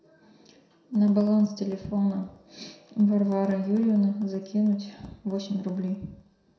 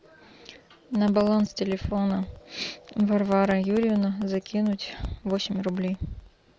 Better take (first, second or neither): second